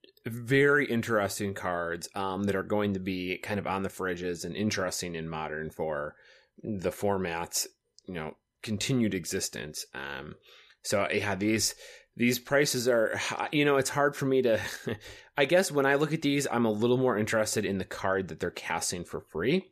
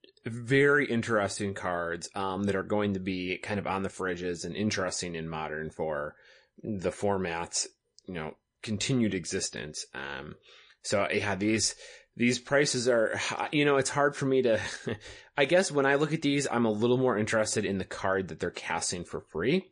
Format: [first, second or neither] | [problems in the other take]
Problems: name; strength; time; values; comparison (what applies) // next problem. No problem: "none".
first | garbled, watery; slightly; nothing above 8.5 kHz